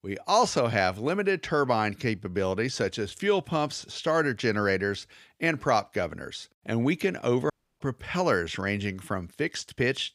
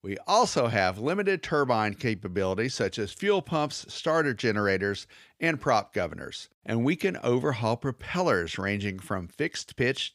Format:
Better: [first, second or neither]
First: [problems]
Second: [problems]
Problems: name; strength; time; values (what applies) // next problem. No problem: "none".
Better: second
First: audio cutting out; at 7.5 s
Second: none